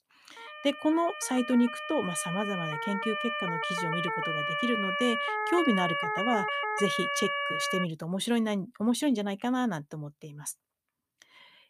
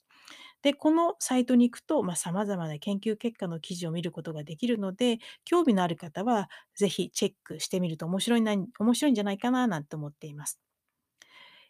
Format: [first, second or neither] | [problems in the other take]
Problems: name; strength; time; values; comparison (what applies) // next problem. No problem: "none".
second | siren; loud; until 8 s; peak 2 dB above the speech